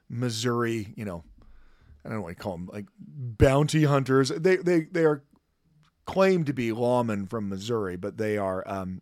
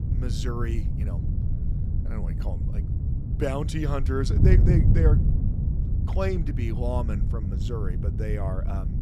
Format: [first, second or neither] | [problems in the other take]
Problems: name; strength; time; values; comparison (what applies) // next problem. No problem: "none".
first | wind noise on the microphone; heavy; 5 dB below the speech